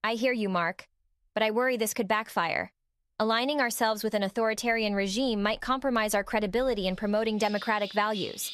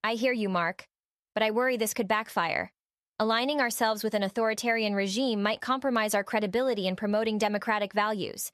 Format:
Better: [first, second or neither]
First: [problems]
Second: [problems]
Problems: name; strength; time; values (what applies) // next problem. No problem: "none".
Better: second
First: animal sounds; noticeable; throughout; 15 dB below the speech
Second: none